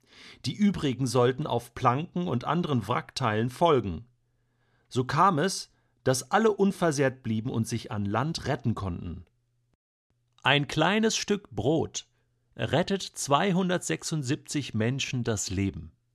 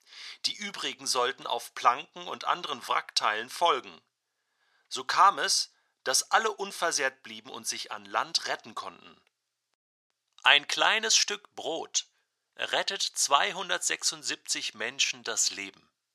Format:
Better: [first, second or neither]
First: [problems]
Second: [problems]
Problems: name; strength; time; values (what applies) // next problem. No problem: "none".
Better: first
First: none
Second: thin; very; fading below 900 Hz